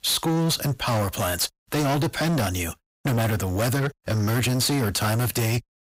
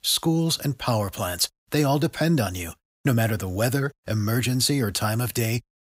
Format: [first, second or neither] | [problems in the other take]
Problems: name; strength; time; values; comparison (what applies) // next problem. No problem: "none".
second | distortion; heavy; 28% of the sound clipped